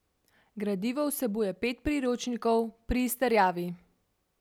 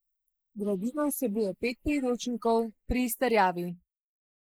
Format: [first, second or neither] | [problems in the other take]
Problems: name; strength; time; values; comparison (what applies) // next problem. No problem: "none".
first | noise reduction (neural mask model Resemble Enhance denoiser)